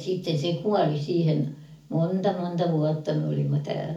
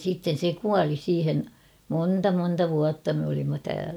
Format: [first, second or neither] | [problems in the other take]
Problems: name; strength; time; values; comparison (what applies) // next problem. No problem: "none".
second | room echo; dies away in 0.4 s